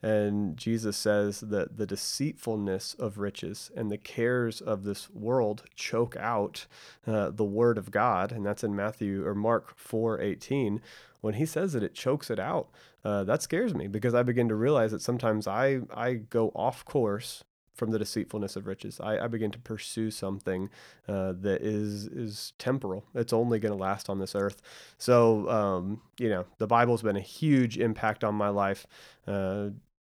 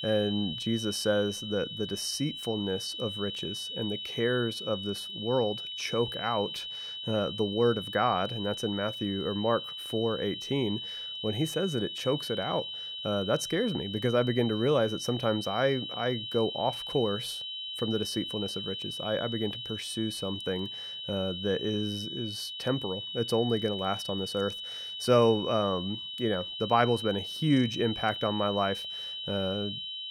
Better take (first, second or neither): first